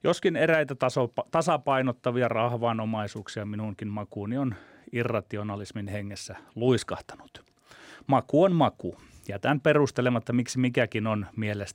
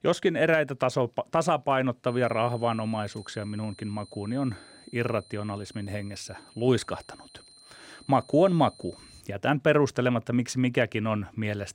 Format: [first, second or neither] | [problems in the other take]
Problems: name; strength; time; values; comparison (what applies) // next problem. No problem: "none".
first | high-pitched whine; faint; from 2 to 9 s; 4 kHz, 25 dB below the speech